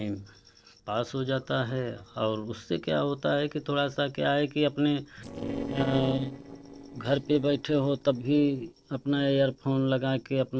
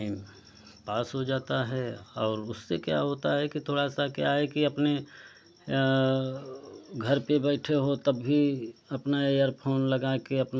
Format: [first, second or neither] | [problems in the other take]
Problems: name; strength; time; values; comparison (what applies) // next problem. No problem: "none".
second | noise reduction (neural separator model SepFormer DNS4)